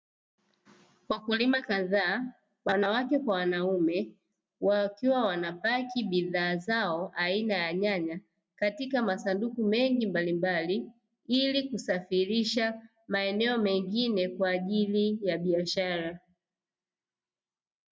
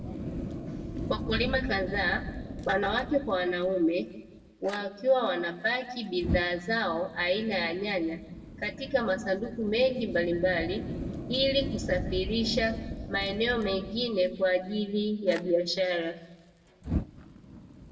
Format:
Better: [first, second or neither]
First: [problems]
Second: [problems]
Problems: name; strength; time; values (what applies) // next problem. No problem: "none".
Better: first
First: none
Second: background sound (Fire); 9 dB below the speech // room echo; dies away in 0.9 s